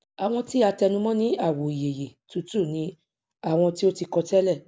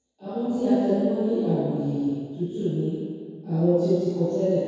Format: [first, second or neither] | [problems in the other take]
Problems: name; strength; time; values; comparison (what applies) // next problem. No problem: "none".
first | room echo; dies away in 1.9 s